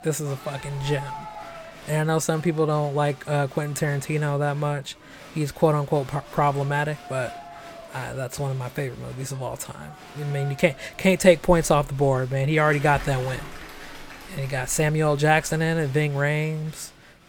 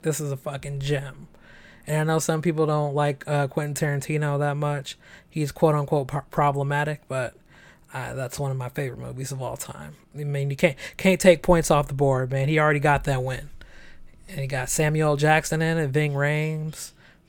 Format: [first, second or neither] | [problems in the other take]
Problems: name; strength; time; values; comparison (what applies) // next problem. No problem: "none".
second | crowd noise; noticeable; throughout; 20 dB below the speech